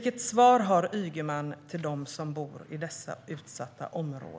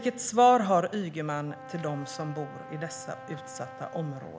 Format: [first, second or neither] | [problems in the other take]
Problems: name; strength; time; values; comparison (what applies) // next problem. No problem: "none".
first | background sound (Brass instrument); 17 dB below the speech